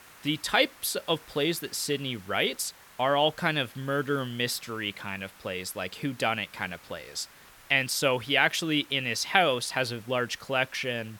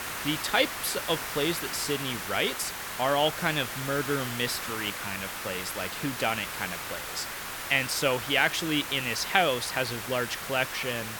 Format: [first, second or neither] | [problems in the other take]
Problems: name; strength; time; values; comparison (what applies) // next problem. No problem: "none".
first | hiss; loud; throughout; 5 dB below the speech; faint in the first